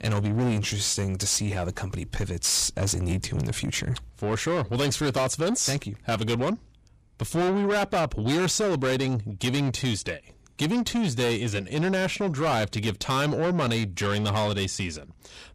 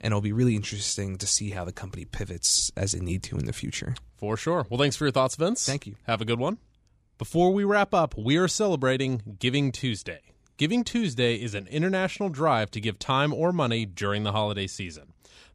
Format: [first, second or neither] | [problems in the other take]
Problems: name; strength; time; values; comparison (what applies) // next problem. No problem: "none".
second | distortion; heavy; 7 dB below the speech